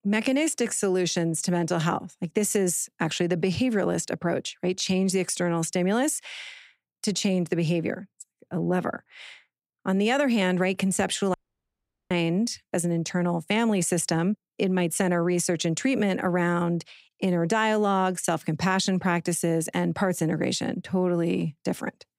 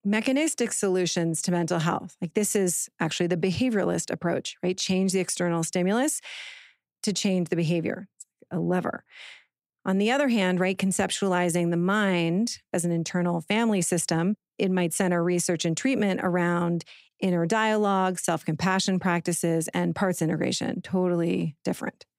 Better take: second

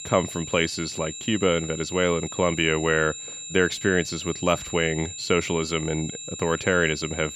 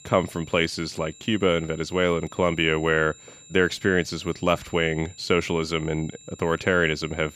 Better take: second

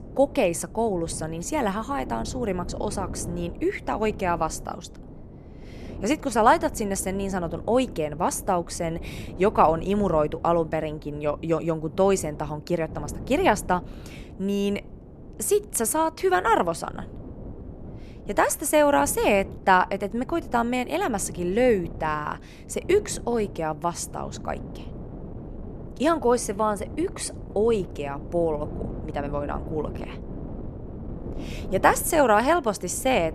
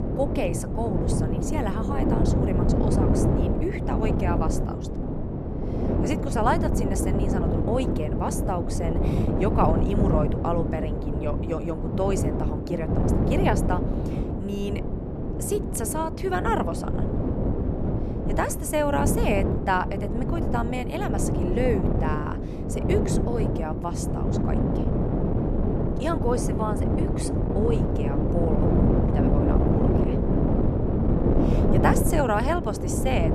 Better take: first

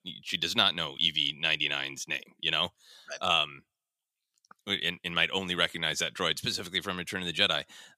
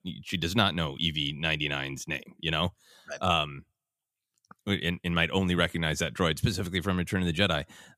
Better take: second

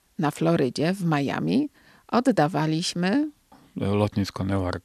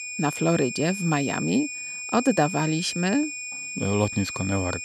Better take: first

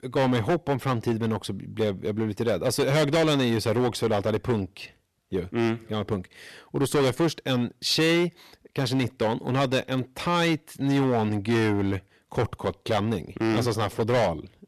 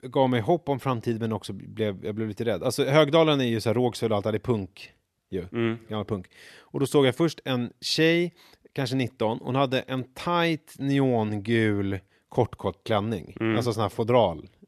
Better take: second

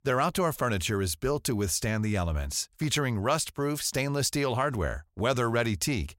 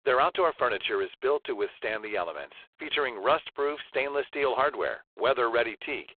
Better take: first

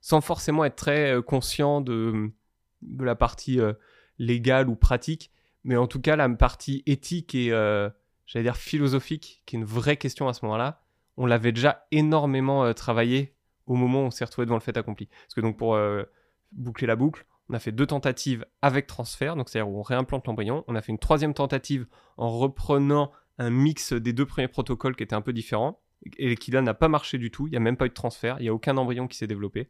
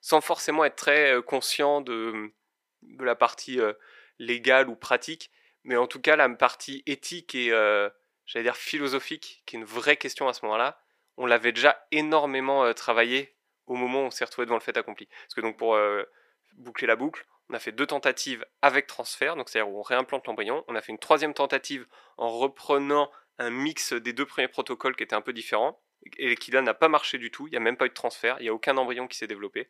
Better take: first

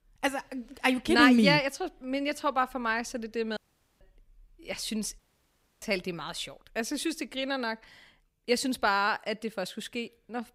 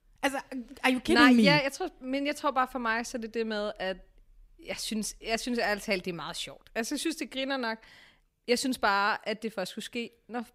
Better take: second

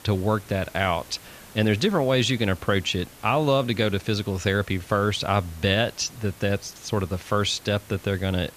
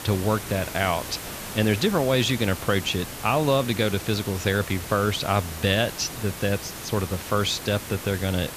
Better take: first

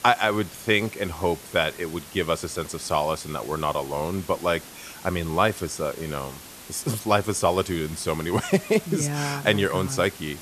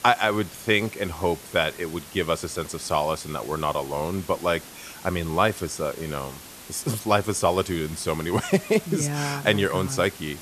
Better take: neither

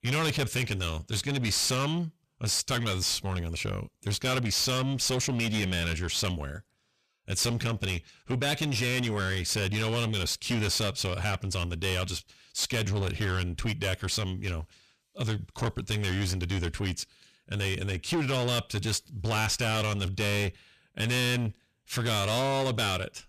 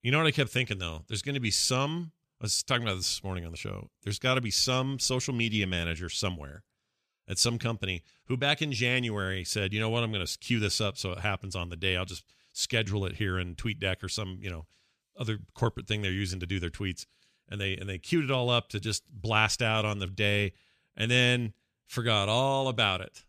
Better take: second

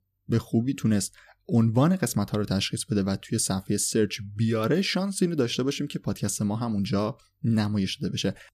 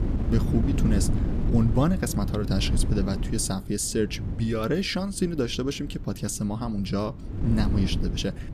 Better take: first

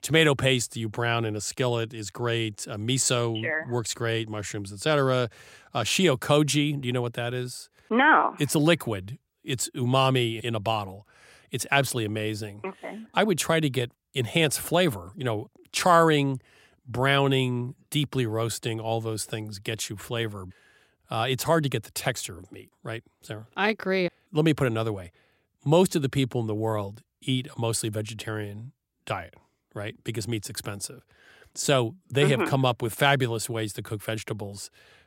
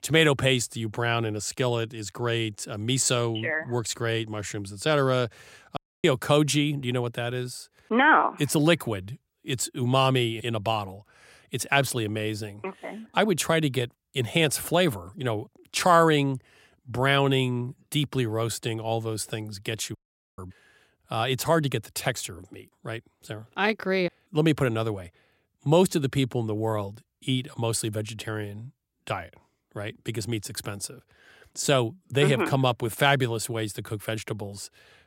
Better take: first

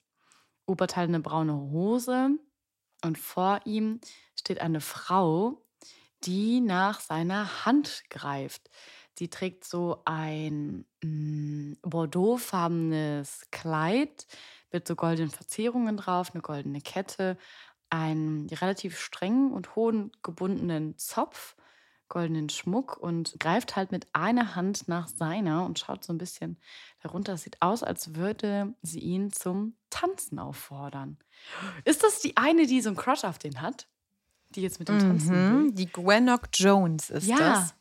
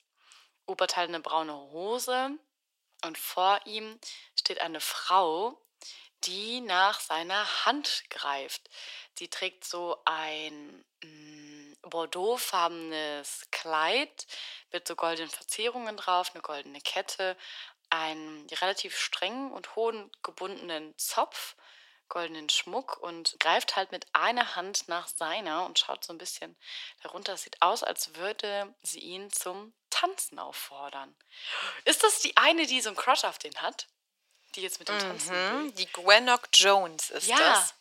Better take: first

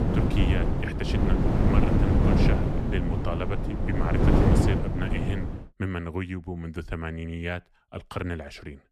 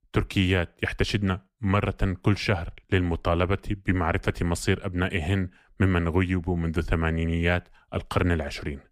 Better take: second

